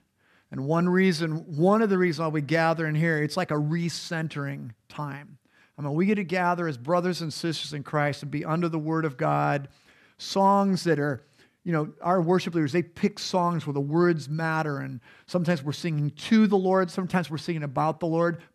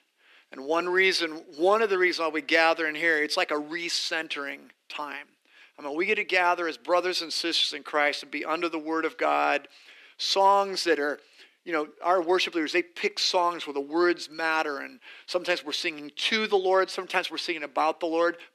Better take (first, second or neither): first